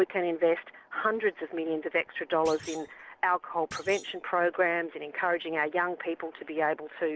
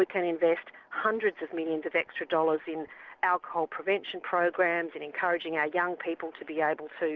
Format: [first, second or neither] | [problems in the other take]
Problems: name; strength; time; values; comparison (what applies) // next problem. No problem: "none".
second | background sound (Thump, thud); 19 dB below the speech